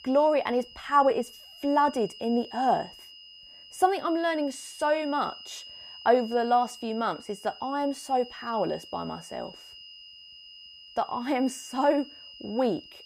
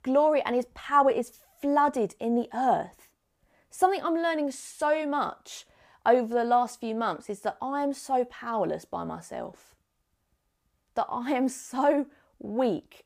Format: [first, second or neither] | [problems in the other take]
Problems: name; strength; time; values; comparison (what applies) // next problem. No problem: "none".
second | high-pitched whine; noticeable; throughout; 3 kHz, 15 dB below the speech